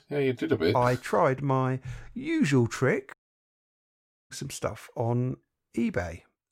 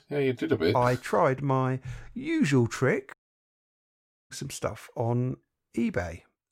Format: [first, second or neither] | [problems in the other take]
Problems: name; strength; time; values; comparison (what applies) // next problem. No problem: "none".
neither | audio cutting out; at 3 s for 1 s; the same in both